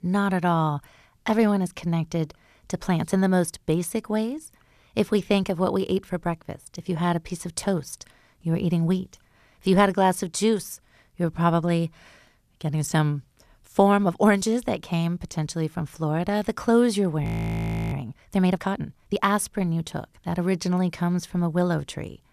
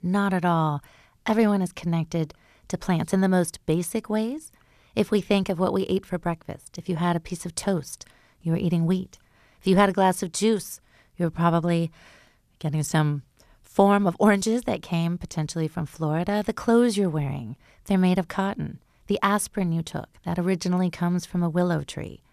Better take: second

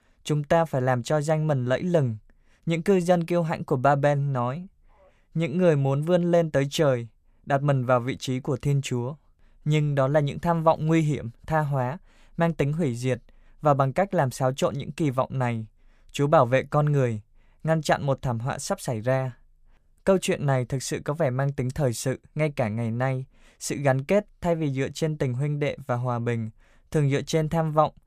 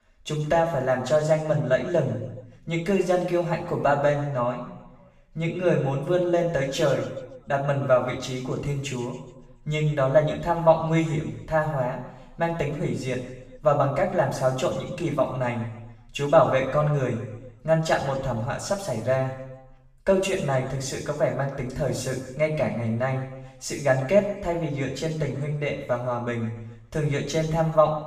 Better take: first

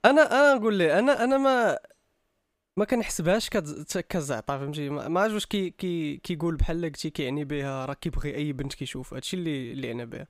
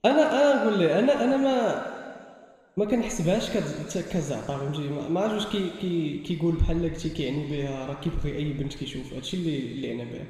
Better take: first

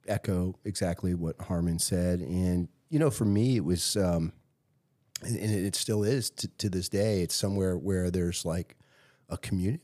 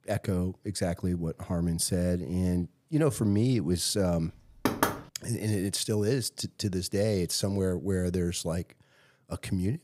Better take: first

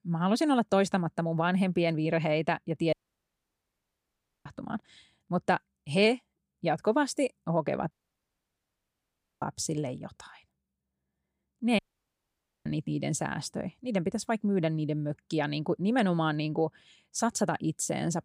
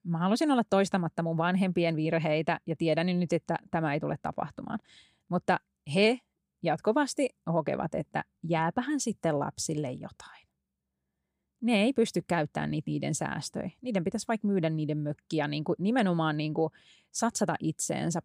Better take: second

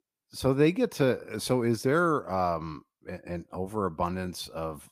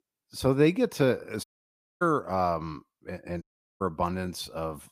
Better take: first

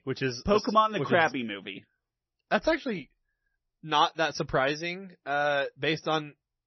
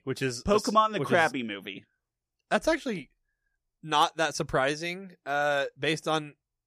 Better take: second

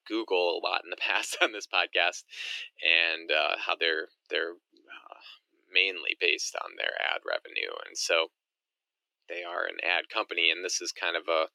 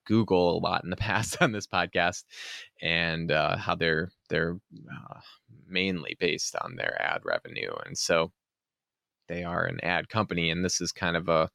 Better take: second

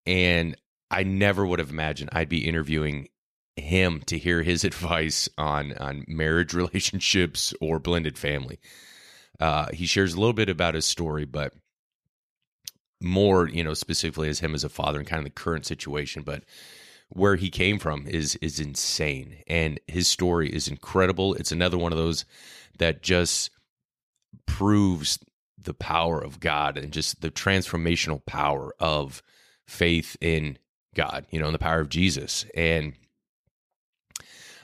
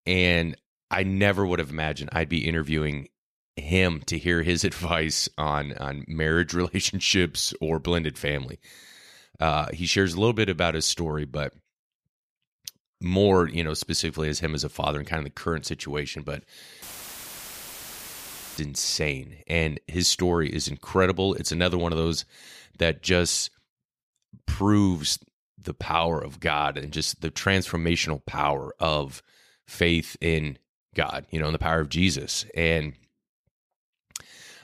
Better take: first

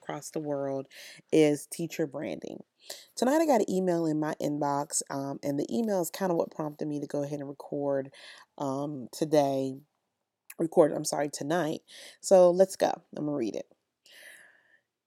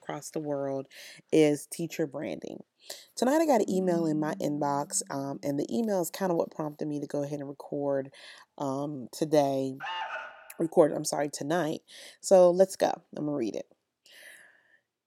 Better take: first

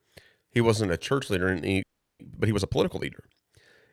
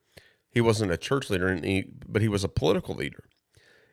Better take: second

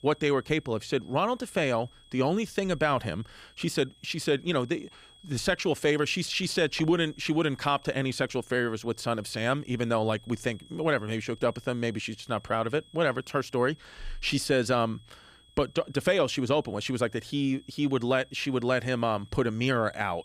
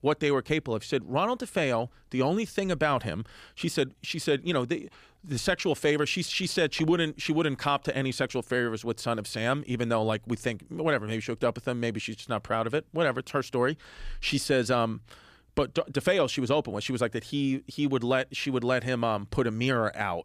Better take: second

